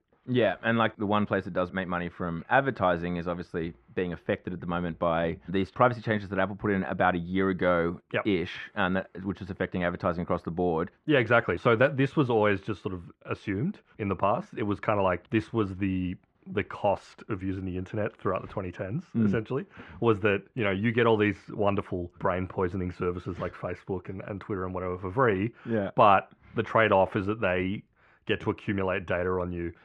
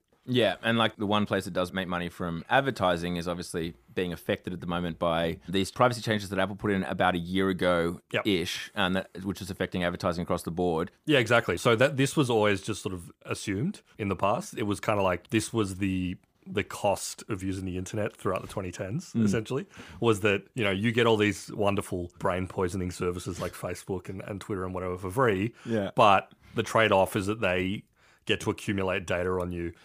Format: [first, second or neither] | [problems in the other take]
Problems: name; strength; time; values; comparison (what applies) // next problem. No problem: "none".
second | muffled; very; fading above 2 kHz